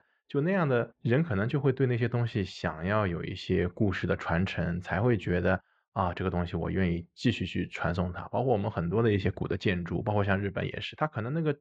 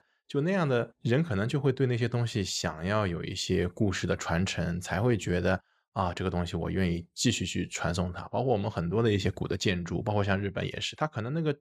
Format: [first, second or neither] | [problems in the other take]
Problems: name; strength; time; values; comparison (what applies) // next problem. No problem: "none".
second | muffled; slightly; fading above 2 kHz